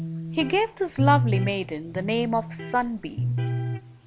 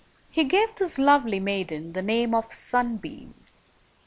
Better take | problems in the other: second | background sound (Electric guitar); 2 dB below the speech

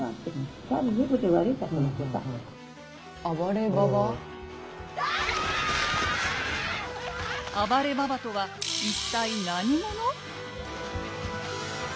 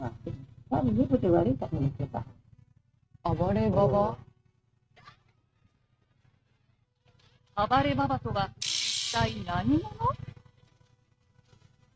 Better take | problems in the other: first | noise reduction (neural mask model RNNoise)

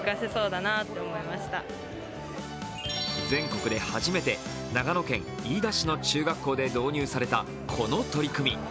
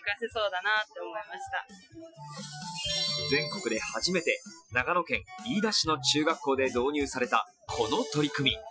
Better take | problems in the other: first | noise reduction (classical method Wiener filter)

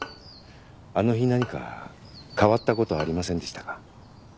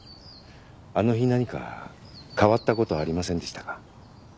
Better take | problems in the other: second | background sound (Bowed string instrument); 18 dB below the speech

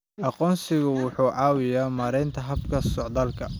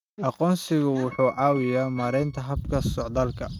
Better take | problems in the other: first | noise reduction (neural mask model RNNoise)

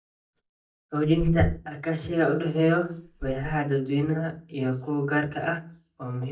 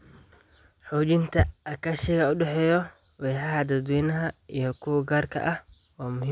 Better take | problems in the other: second | noise reduction (neural mask model DeepFilterNet 3)

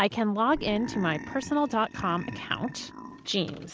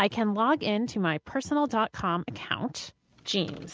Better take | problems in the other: second | background sound (Burping, eructation); 14 dB below the speech

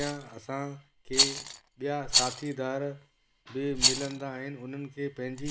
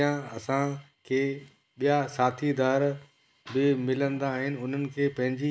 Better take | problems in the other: second | background sound (Rattle); 3 dB above the speech

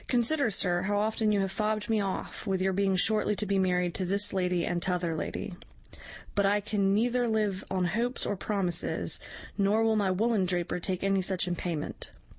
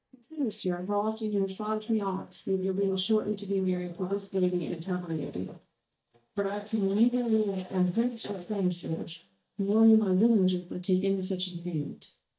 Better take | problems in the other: first | noise reduction (neural mask model DeepFilterNet 3)

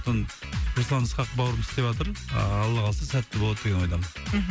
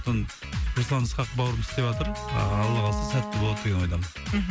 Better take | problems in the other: first | background sound (Wind instrument, woodwind instrument); 10 dB below the speech

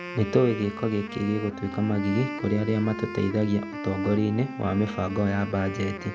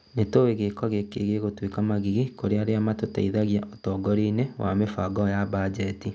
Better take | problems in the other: second | background sound (Wind instrument, woodwind instrument); 10 dB below the speech

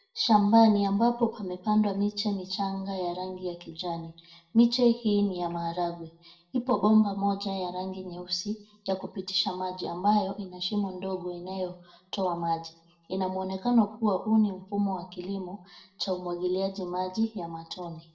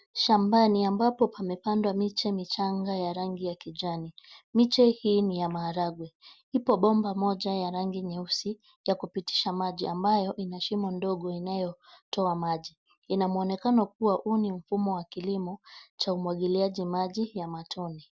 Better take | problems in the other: second | room echo; dies away in 0.5 s

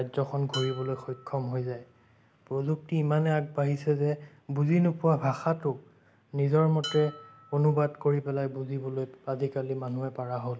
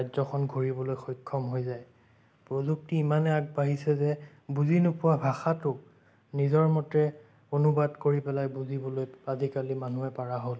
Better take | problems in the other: second | background sound (Dishes, pots, and pans); 19 dB below the speech

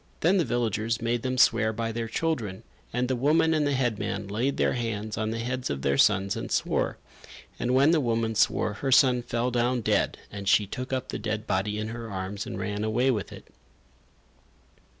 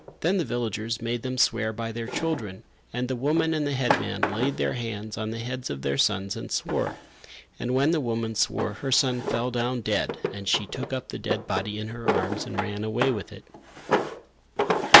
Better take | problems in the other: first | background sound (Drawer open or close); 2 dB below the speech

